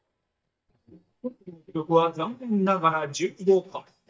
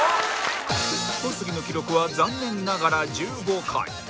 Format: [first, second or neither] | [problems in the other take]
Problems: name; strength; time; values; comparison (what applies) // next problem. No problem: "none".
second | noise reduction (neural mask model DeepFilterNet 3)